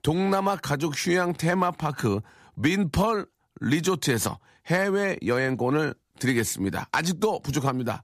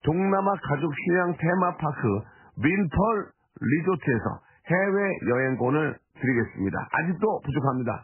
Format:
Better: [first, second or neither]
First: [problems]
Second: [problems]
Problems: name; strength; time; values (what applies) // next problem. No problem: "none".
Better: first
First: none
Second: garbled, watery; badly; nothing above 2.5 kHz